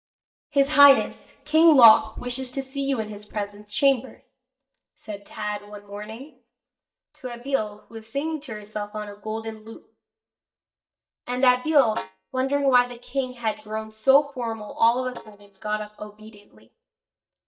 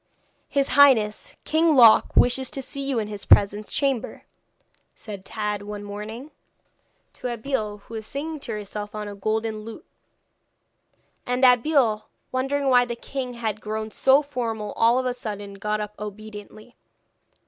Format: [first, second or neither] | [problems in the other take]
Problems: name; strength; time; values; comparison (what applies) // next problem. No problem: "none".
second | noise reduction (neural mask model DeepFilterNet 3)